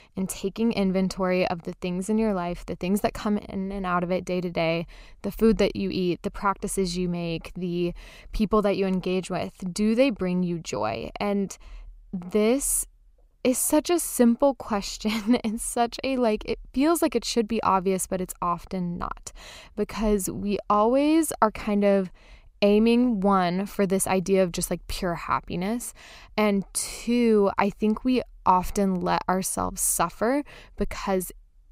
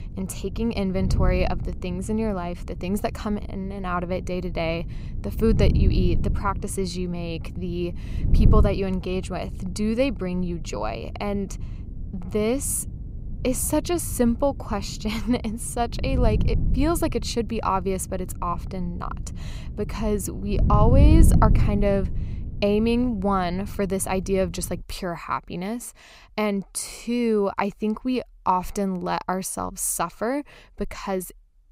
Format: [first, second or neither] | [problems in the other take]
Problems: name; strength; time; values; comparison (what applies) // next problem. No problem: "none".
first | wind noise on the microphone; occasional gusts; until 25 s; 15 dB below the speech